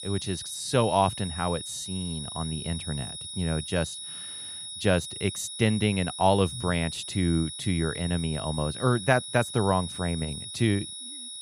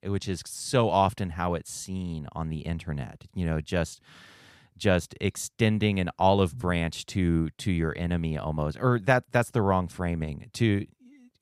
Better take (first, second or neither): second